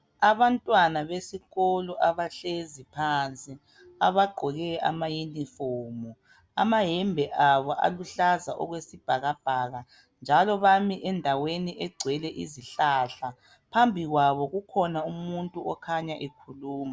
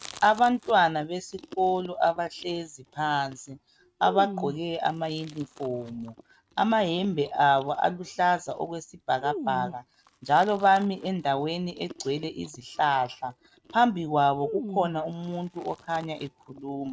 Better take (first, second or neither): first